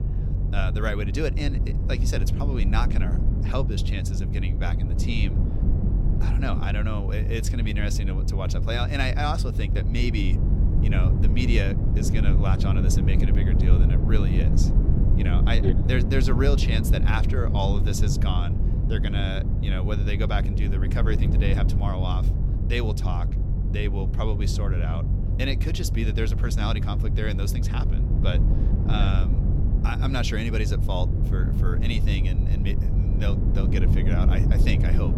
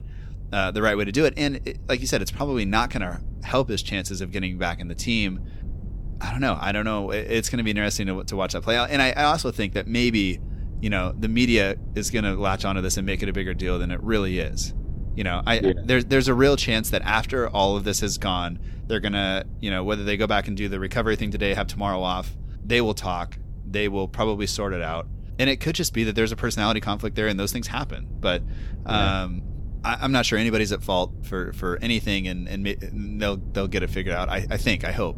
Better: second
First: low rumble; loud; throughout; 5 dB below the speech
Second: low rumble; faint; throughout; 25 dB below the speech

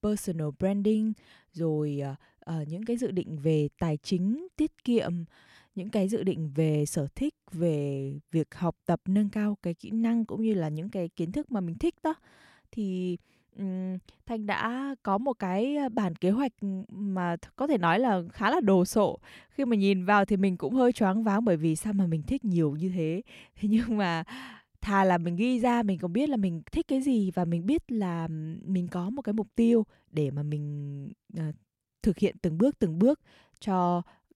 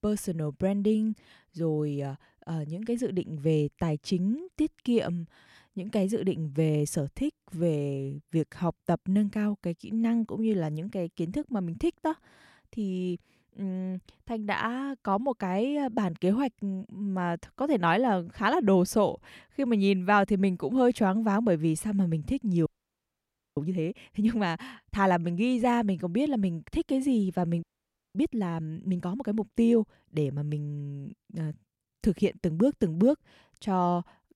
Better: first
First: none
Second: audio freezing; at 23 s for 1 s and at 28 s for 0.5 s

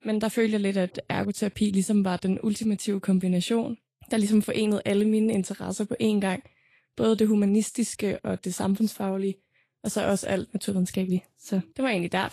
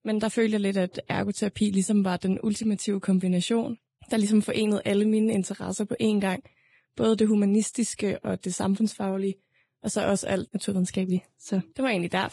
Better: first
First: garbled, watery; slightly; nothing above 12.5 kHz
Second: garbled, watery; badly; nothing above 10.5 kHz

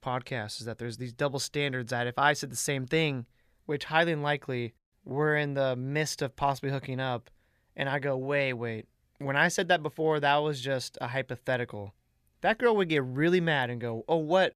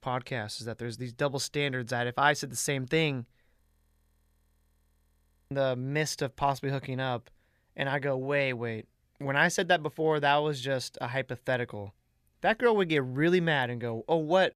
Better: first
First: none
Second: audio freezing; at 3.5 s for 2 s

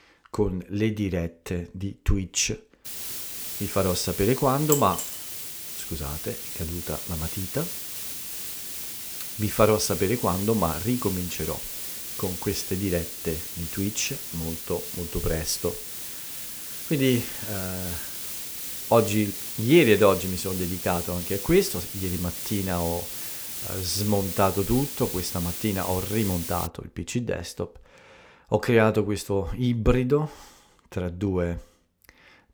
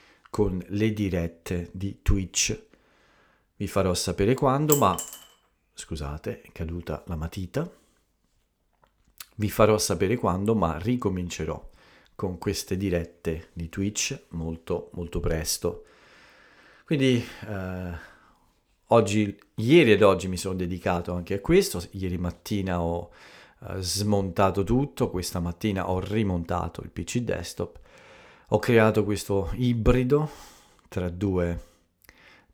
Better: second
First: hiss; loud; from 3 to 27 s; 5 dB below the speech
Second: none

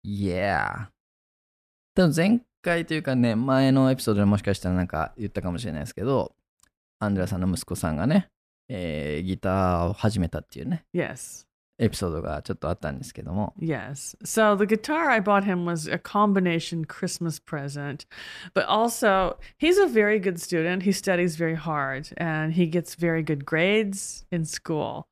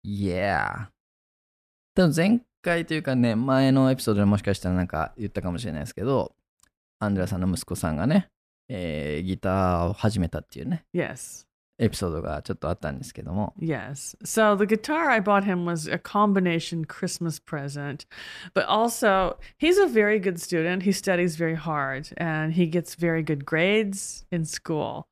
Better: neither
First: none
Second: none

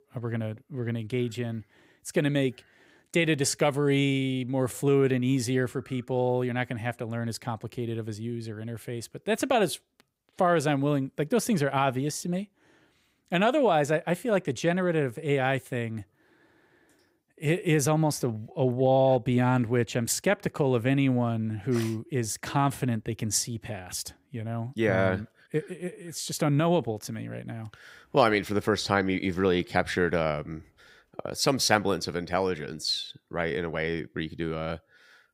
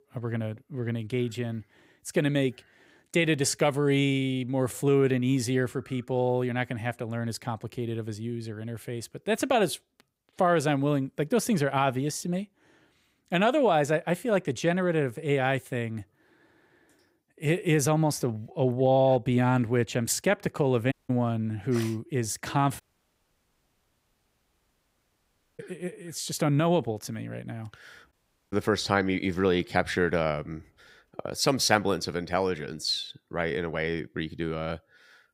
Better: first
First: none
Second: audio cutting out; at 21 s, at 23 s for 3 s and at 28 s

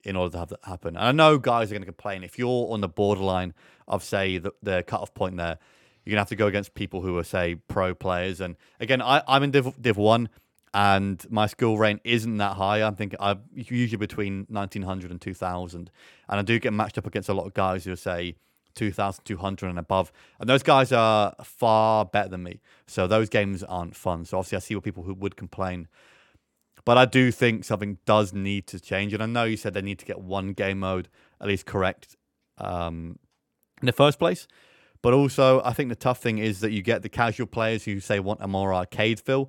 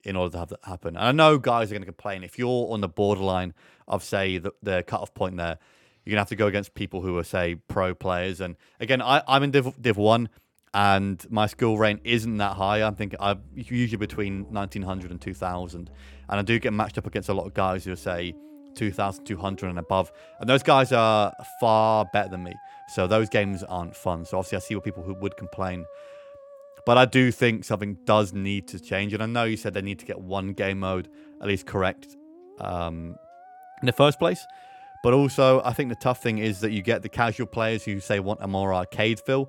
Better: first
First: none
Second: background music; faint; from 12 s on; 25 dB below the speech

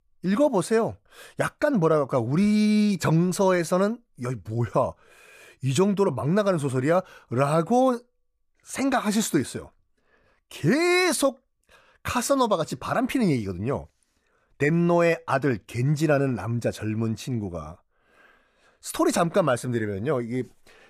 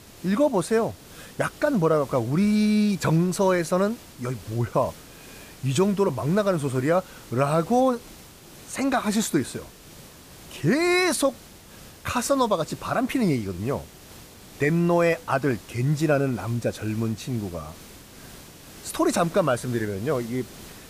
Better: first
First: none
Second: hiss; faint; throughout; 20 dB below the speech

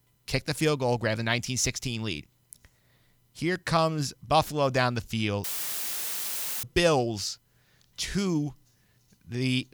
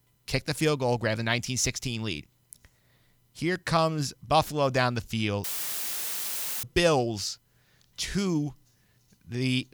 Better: neither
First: audio cutting out; filled with static; at 5.5 s for 1 s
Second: audio cutting out; filled with static; at 5.5 s for 1 s

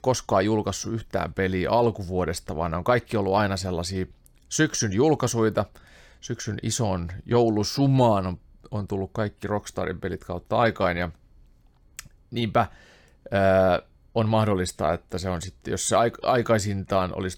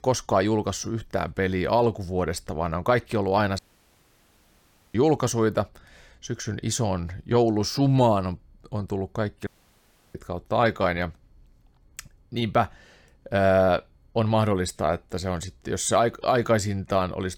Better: first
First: none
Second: audio cutting out; at 3.5 s for 1.5 s and at 9.5 s for 0.5 s

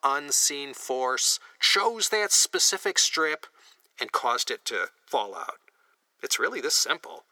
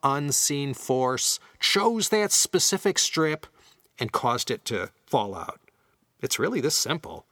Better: second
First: thin; very; fading below 400 Hz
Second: none

